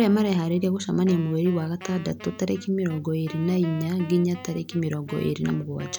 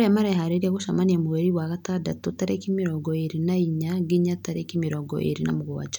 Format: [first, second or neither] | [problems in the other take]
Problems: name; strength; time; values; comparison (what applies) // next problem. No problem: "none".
second | background sound (Wind instrument, woodwind instrument); 19 dB below the speech